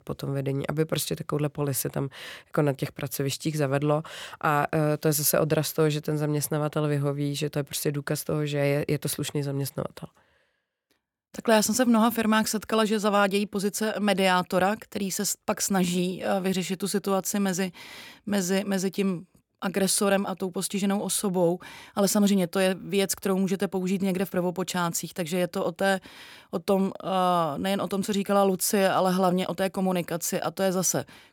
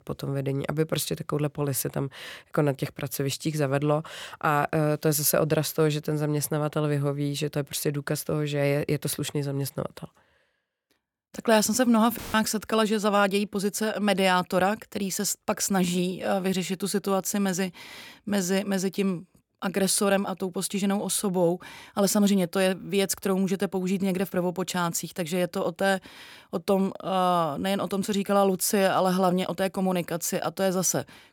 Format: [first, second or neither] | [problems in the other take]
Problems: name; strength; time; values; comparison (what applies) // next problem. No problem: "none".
first | audio cutting out; filled with static; at 12 s